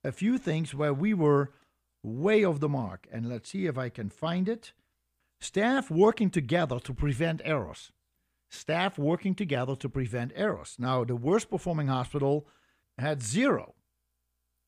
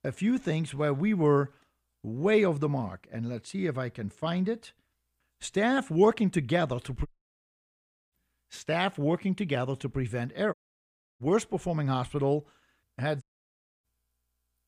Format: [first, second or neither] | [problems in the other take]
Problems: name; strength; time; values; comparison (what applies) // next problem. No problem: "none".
first | audio cutting out; at 7 s for 1 s, at 11 s for 0.5 s and at 13 s for 0.5 s